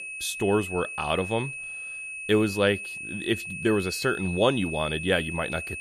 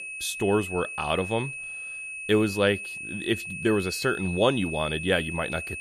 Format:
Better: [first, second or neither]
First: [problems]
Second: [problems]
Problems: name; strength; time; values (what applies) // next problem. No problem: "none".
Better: neither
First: high-pitched whine; loud; throughout; 2.5 kHz, 7 dB below the speech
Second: high-pitched whine; loud; throughout; 2.5 kHz, 7 dB below the speech